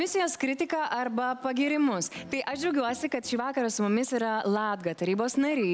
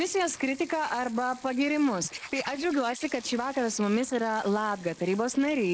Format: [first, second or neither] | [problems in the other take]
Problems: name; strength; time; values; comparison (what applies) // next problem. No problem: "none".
first | noise reduction (neural mask model Resemble Enhance denoiser)